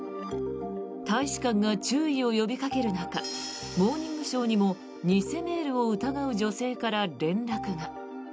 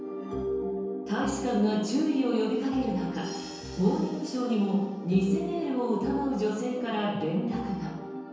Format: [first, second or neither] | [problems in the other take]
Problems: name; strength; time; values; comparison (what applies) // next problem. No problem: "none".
first | room echo; dies away in 1.2 s